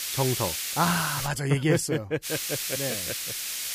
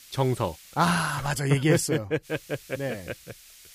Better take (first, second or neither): second